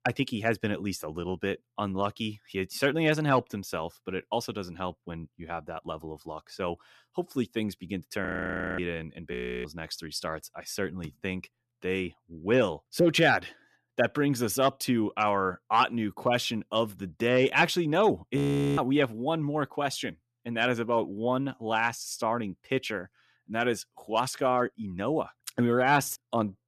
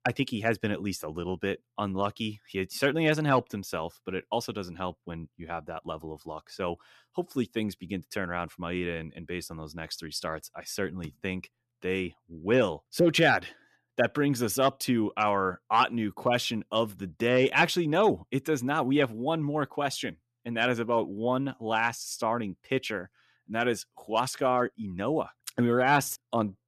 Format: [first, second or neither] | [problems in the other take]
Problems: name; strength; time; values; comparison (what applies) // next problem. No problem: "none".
second | audio freezing; at 8.5 s for 0.5 s, at 9.5 s and at 18 s